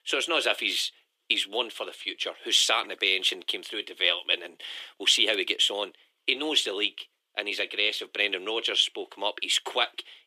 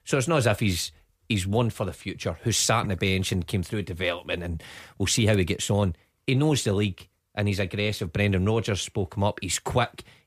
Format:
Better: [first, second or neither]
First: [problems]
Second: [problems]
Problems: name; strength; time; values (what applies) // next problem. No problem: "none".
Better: second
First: thin; very; fading below 300 Hz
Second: none